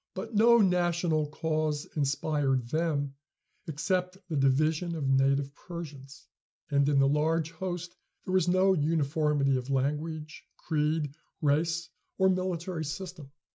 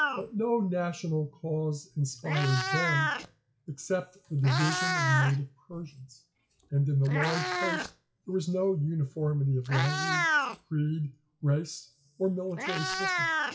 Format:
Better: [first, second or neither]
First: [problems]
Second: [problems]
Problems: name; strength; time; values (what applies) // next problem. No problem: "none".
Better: first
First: none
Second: noise reduction (classical method WPE with log-MMSE)